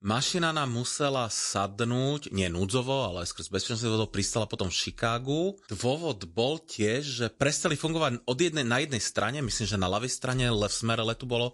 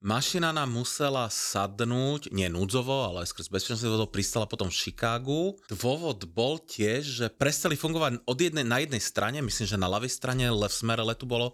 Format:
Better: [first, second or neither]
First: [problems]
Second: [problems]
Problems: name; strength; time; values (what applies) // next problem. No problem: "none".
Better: second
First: garbled, watery; slightly; nothing above 11 kHz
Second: none